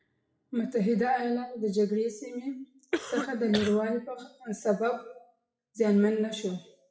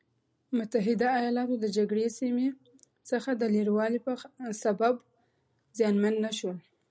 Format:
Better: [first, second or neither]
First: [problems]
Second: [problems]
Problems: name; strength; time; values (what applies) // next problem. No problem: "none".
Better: second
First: noise reduction (classical method WPE with log-MMSE)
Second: none